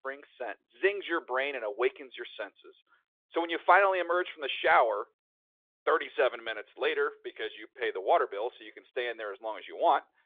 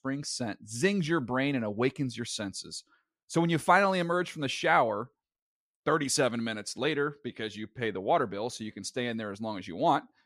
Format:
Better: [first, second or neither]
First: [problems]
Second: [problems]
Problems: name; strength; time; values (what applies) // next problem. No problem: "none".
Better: second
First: phone-call audio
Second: none